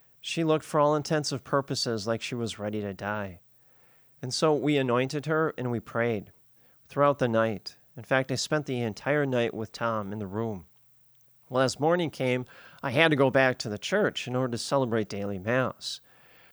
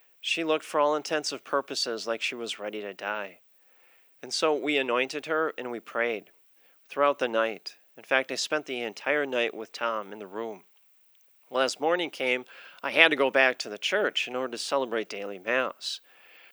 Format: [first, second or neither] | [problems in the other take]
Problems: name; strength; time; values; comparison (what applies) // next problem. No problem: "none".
first | thin; somewhat; fading below 300 Hz